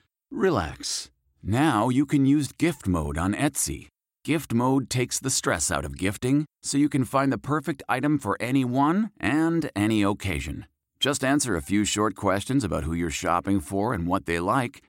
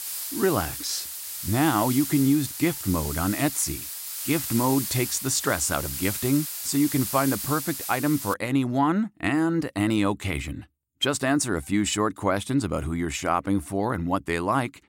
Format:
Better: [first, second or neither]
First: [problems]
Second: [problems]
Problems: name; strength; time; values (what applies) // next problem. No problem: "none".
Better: first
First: none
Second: hiss; loud; until 8.5 s; 5 dB below the speech